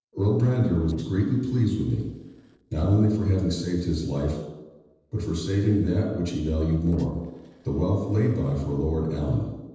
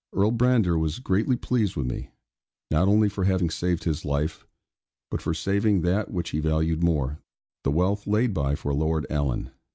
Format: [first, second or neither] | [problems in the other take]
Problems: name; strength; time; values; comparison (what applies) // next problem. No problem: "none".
second | noise reduction (neural separator model SepFormer DNS4)